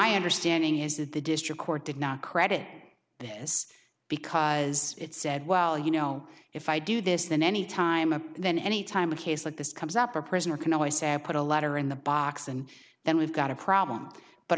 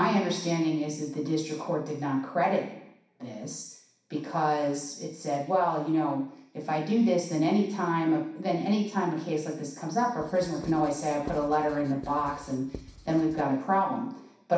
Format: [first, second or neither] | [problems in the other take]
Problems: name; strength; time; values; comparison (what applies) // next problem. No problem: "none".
first | background sound (Writing); 18 dB below the speech // room echo; dies away in 0.6 s